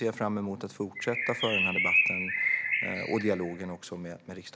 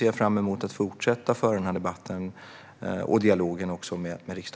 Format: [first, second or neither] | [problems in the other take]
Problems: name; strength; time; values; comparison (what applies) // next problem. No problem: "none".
second | background sound (Bird); 4 dB above the speech